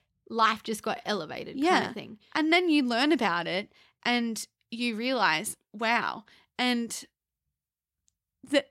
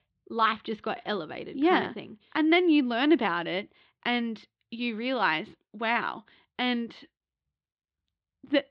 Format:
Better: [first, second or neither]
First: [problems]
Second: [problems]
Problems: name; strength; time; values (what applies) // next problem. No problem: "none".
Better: first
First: none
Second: muffled; slightly; fading above 3.5 kHz